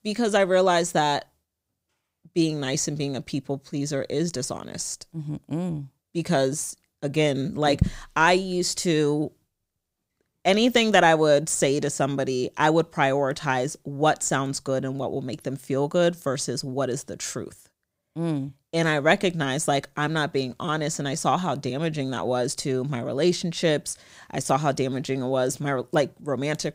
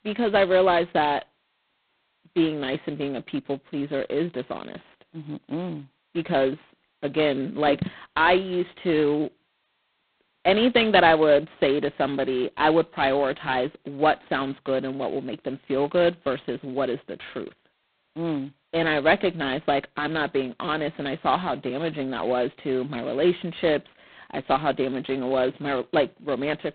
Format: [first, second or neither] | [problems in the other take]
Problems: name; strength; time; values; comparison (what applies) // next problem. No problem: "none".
first | phone-call audio; poor line; nothing above 4 kHz